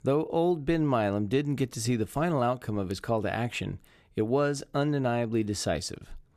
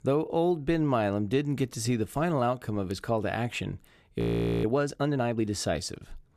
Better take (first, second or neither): first